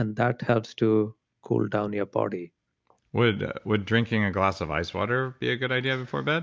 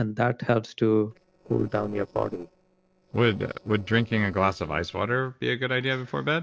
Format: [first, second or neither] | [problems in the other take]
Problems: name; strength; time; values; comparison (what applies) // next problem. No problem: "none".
first | noise reduction (neural separator model SepFormer DNS4)